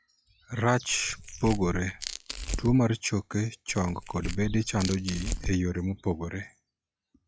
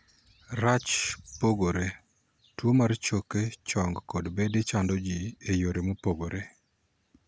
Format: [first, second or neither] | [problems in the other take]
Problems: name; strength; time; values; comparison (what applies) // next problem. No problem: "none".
second | noise reduction (classical method log-MMSE)